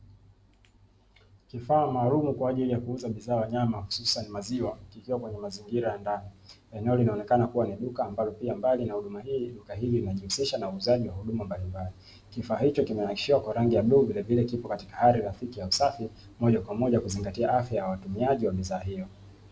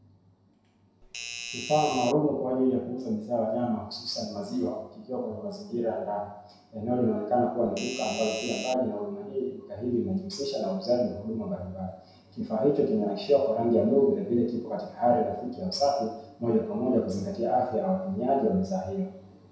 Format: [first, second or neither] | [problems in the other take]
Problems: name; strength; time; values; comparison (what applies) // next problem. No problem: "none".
first | background sound (Doorbell); 9 dB below the speech // room echo; dies away in 0.7 s